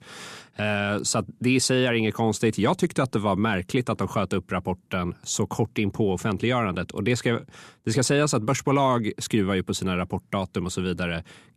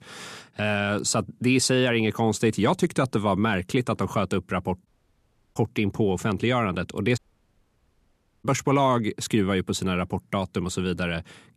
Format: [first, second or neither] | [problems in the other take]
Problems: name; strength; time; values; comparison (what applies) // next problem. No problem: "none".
first | audio cutting out; at 5 s for 0.5 s and at 7 s for 1.5 s